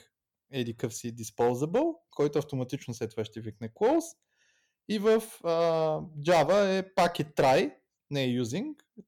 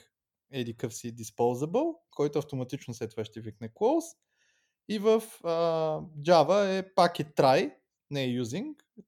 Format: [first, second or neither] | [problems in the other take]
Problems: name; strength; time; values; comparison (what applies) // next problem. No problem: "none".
second | distortion; slight; 3% of the sound clipped